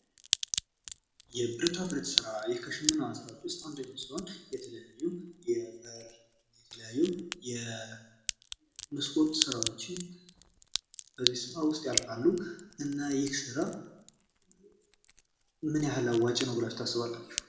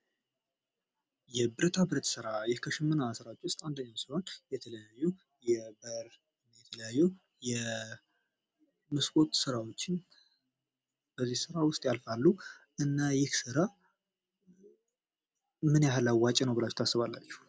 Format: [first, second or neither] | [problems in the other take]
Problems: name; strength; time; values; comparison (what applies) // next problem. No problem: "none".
second | background sound (Crack); 5 dB below the speech // room echo; dies away in 0.7 s